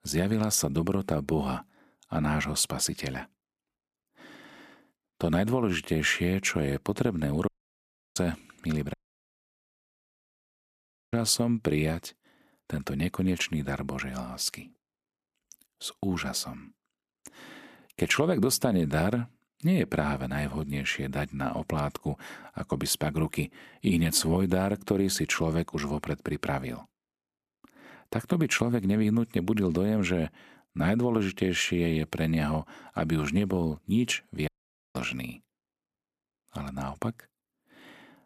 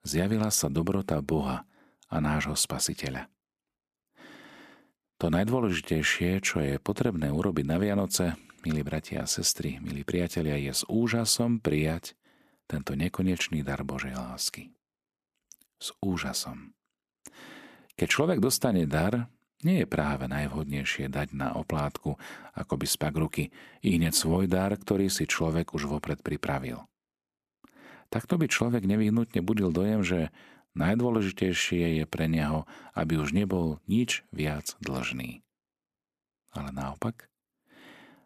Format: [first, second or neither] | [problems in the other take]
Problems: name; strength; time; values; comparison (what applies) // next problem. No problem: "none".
second | audio cutting out; at 7.5 s for 0.5 s, at 9 s for 2 s and at 34 s